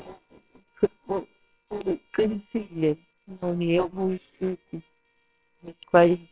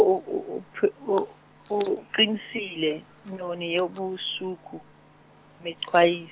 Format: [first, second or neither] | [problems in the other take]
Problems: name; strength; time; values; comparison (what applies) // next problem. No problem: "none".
second | noise reduction (neural separator model SepFormer WHAMR!)